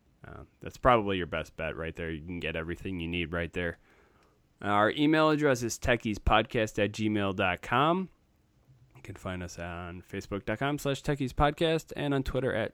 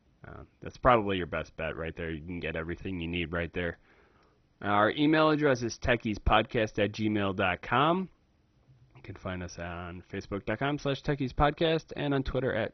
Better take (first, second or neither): first